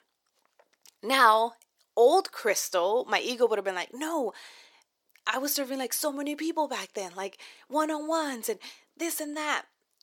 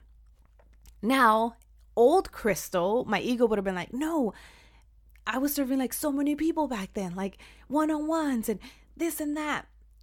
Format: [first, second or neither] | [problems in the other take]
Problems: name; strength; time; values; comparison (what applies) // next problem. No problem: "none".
second | thin; somewhat; fading below 400 Hz